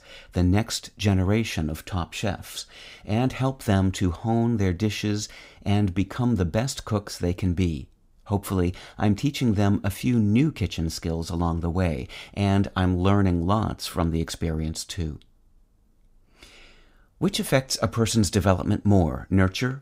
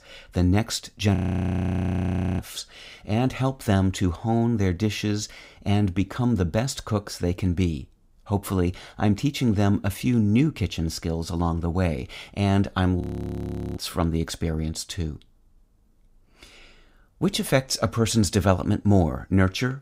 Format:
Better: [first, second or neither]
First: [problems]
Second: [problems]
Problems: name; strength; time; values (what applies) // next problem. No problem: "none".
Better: first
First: none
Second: audio freezing; at 1 s for 1 s and at 13 s for 1 s